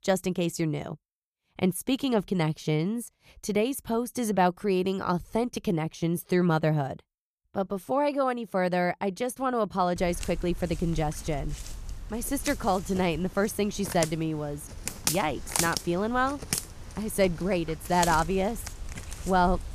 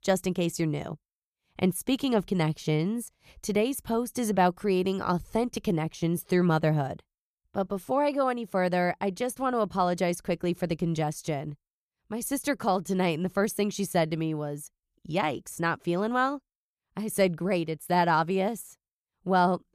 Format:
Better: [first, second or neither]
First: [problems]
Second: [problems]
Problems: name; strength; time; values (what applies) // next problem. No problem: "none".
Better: second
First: footsteps; loud; from 10 s on; peak level with the speech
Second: none